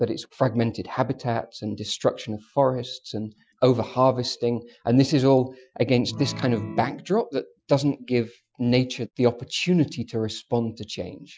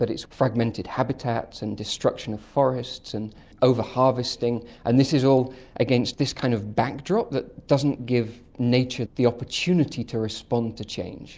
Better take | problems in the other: second | noise reduction (classical method Wiener filter)

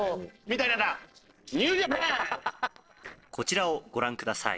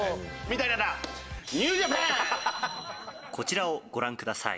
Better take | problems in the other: second | noise reduction (neural separator model SepFormer DNS4)

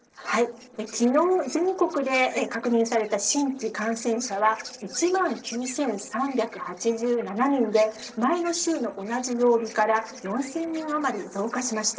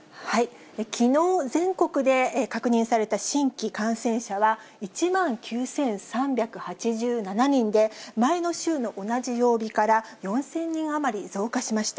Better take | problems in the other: second | noise reduction (neural separator model SepFormer DNS4)

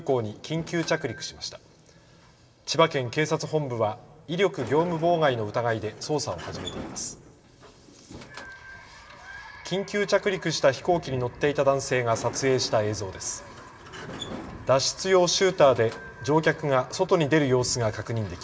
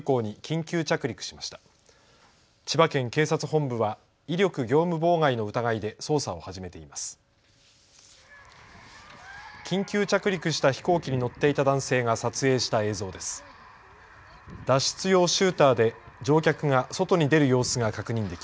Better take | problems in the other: second | background sound (Sliding door); 19 dB below the speech // room echo; dies away in 1.3 s

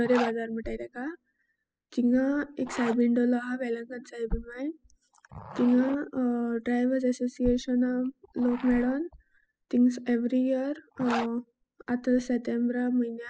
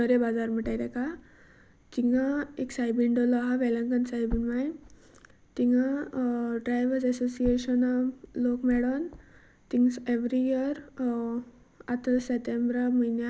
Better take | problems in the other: second | noise reduction (classical method spectral subtraction)

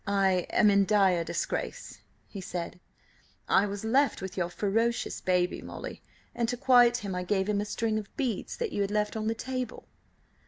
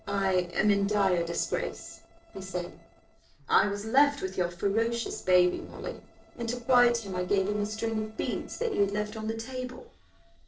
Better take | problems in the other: first | noise reduction (neural separator model SepFormer DNS4)

